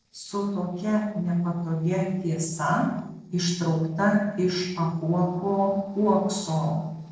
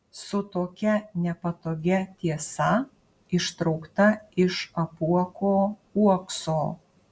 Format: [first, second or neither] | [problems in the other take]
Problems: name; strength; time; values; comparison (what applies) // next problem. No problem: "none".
second | noise reduction (neural separator model SepFormer DNS4)